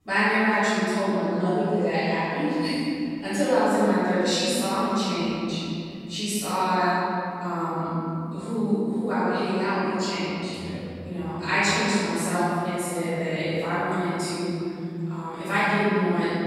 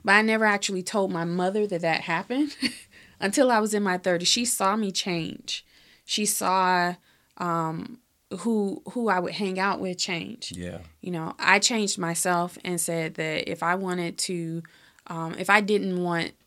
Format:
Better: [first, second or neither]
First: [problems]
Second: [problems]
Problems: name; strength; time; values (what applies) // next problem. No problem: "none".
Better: second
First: off-mic speech; far // room echo; strong; dies away in 3 s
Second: none